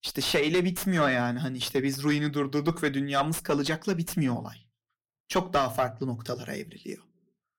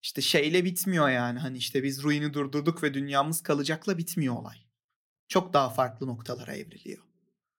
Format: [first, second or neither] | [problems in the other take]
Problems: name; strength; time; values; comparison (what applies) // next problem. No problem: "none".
second | distortion; slight; 10 dB below the speech